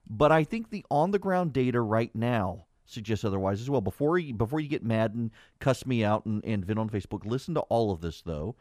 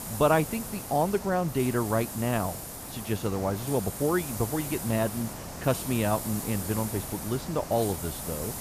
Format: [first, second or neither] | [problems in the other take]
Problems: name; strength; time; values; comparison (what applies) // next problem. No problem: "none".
first | hiss; loud; throughout; 7 dB below the speech